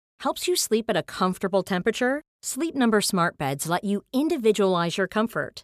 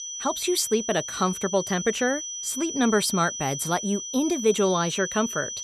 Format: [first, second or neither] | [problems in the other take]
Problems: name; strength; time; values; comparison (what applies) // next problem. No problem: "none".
first | high-pitched whine; loud; throughout; 6 kHz, 6 dB below the speech